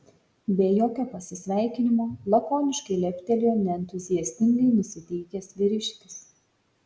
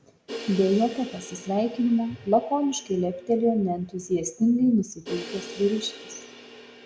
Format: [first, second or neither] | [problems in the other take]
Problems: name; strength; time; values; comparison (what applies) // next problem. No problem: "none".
first | background sound (Crash cymbal); 16 dB below the speech